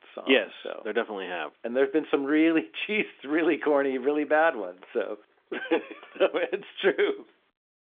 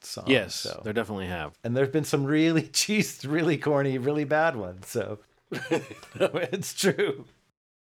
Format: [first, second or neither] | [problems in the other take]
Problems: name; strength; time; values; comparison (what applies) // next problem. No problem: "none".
second | phone-call audio; nothing above 3.5 kHz